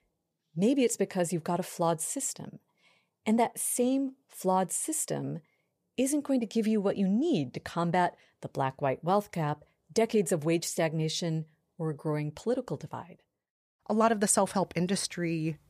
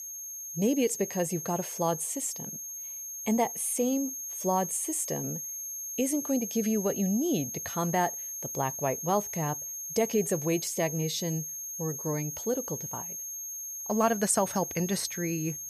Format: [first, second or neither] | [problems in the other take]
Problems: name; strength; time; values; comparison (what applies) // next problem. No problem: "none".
first | high-pitched whine; loud; throughout; 6.5 kHz, 5 dB below the speech